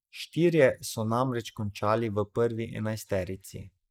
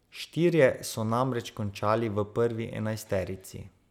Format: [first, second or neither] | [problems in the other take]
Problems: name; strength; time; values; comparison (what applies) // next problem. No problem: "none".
second | noise reduction (neural mask model Resemble Enhance denoiser)